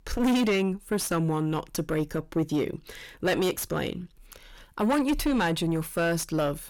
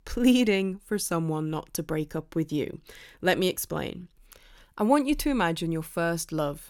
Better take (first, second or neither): second